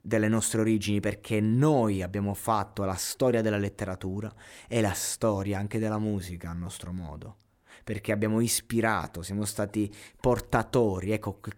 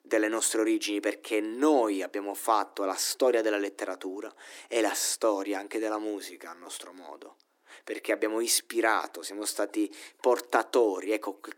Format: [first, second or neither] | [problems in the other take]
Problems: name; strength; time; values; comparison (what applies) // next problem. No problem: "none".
first | thin; somewhat; fading below 300 Hz